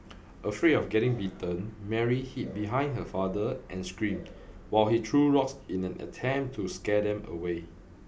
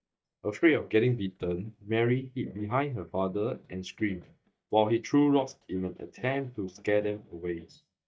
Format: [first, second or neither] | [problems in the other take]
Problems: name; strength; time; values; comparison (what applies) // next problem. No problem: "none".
first | noise reduction (neural mask model DeepFilterNet 3)